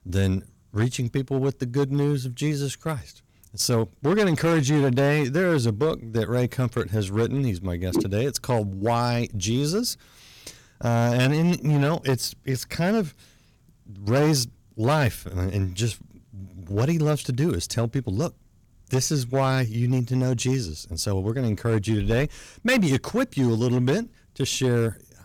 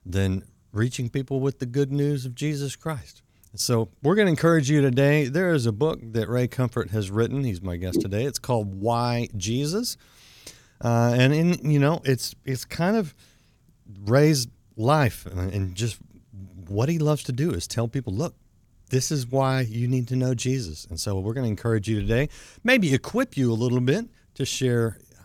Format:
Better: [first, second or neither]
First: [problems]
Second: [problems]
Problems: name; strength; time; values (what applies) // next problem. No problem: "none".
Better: second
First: distortion; slight; 6% of the sound clipped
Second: none